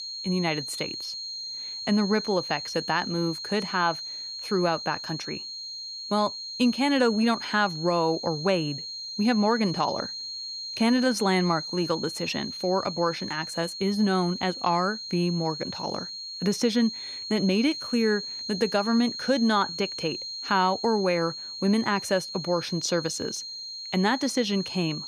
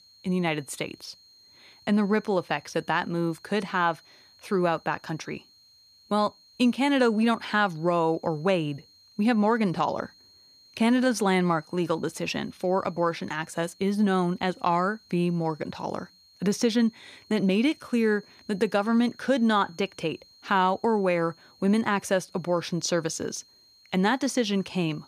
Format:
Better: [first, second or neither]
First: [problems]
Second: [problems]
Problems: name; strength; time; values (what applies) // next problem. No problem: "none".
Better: second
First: high-pitched whine; loud; throughout; 4 kHz, 7 dB below the speech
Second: high-pitched whine; faint; throughout; 4 kHz, 30 dB below the speech